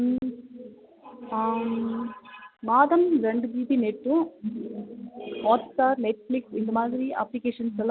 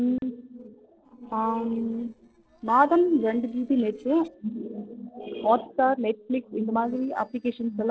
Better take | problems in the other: first | noise reduction (neural separator model SepFormer DNS4)

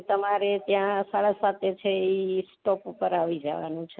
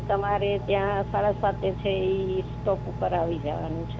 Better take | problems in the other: first | background sound (Engine); 6 dB below the speech

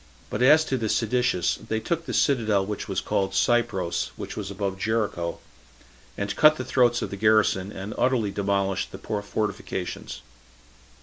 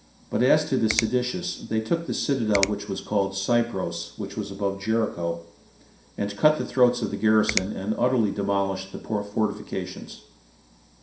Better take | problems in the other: first | background sound (Finger snapping); 10 dB below the speech // room echo; dies away in 0.5 s

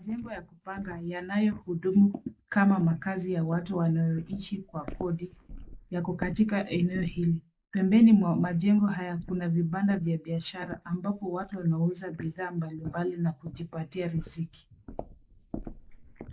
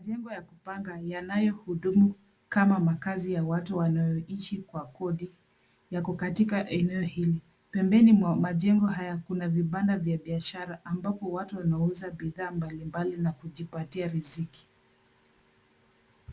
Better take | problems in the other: second | noise reduction (neural mask model Resemble Enhance denoiser)

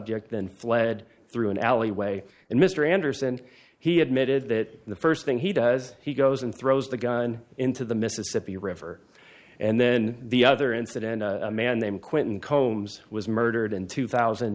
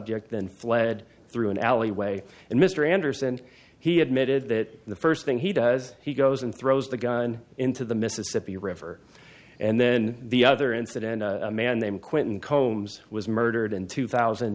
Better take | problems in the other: second | noise reduction (neural mask model Resemble Enhance denoiser)

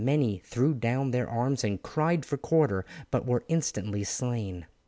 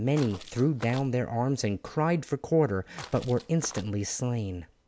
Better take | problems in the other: first | background sound (Walk, footsteps); 16 dB below the speech

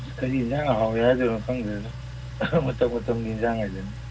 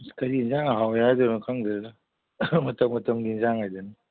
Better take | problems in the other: second | background sound (Engine); 10 dB below the speech // room echo; dies away in 0.4 s

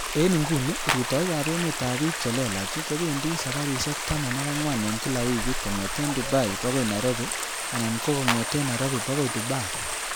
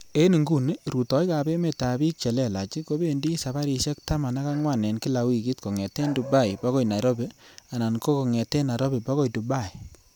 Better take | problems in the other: second | background sound (Clapping + Stream); 3 dB below the speech

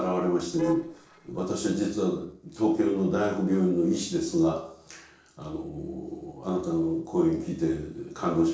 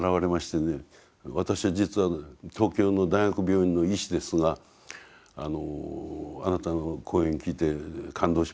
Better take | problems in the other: second | noise reduction (neural separator model SepFormer DNS4)

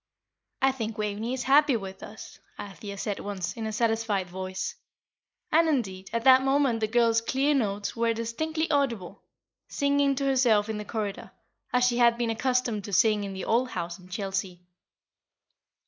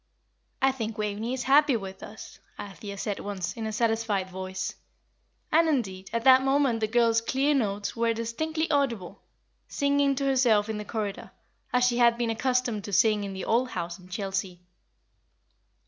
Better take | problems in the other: second | noise reduction (neural mask model Resemble Enhance denoiser)

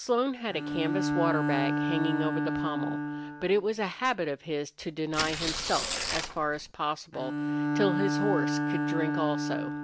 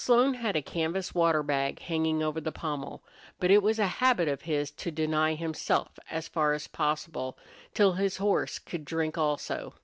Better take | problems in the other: second | background sound (Tearing + Bowed string instrument); as loud as the speech

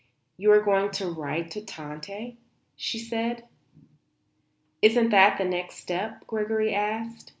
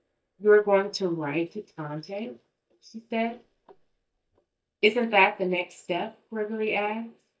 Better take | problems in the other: first | noise reduction (neural mask model DeepFilterNet 3)

